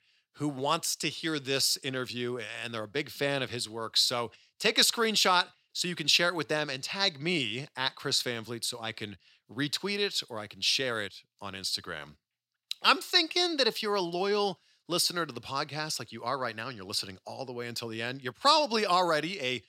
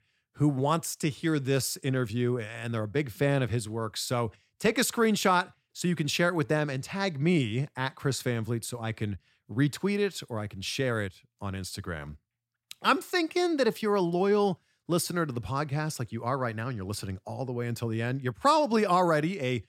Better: second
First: thin; somewhat; fading below 1 kHz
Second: none

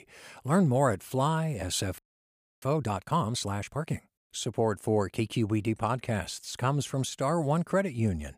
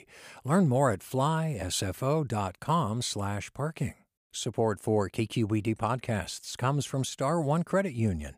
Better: second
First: audio freezing; at 2 s for 0.5 s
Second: none

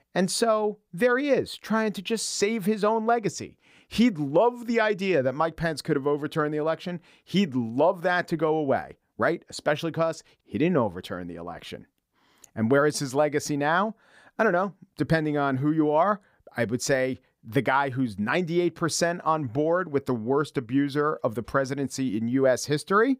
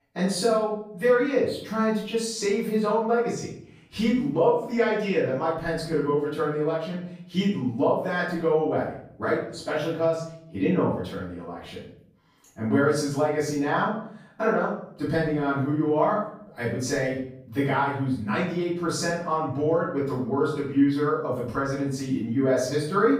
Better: first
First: none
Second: off-mic speech; far // room echo; noticeable; dies away in 0.6 s

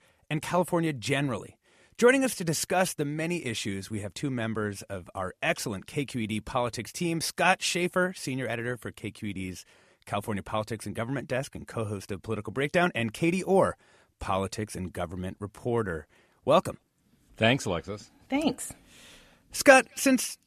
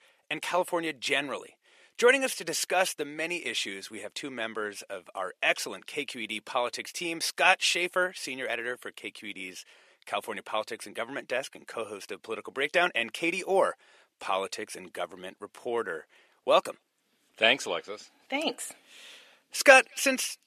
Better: first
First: none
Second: thin; somewhat; fading below 450 Hz

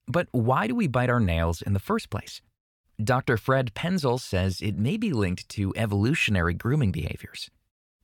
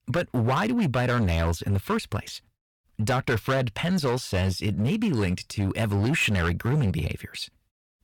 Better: first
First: none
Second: distortion; slight; 13% of the sound clipped

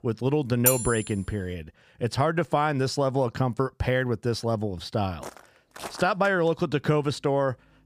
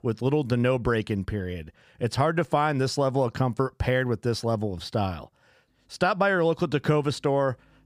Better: second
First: clattering dishes; loud; at 0.5 s; peak 3 dB above the speech // footsteps; faint; from 5 to 6.5 s; peak 10 dB below the speech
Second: none

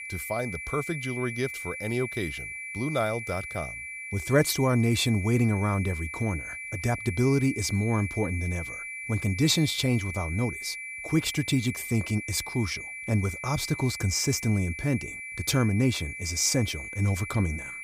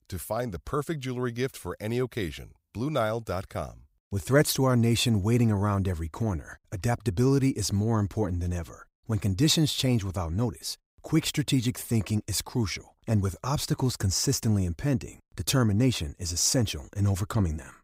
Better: second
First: high-pitched whine; loud; throughout; 2.5 kHz, 8 dB below the speech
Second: none

